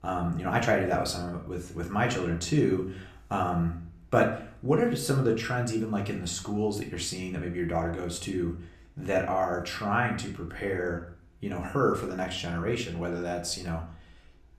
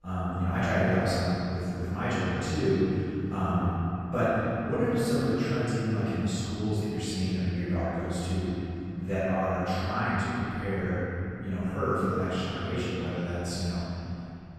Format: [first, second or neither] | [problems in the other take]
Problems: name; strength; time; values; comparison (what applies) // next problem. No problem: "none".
first | room echo; strong; dies away in 3 s; slight in the first // off-mic speech; far; somewhat distant in the first